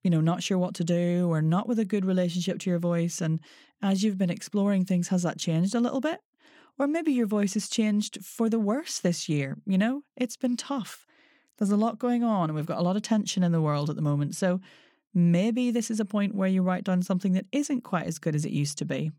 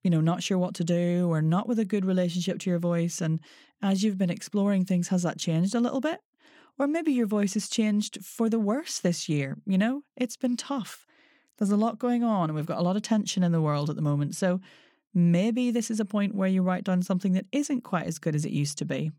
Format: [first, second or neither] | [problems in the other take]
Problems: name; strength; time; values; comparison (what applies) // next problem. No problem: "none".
neither | none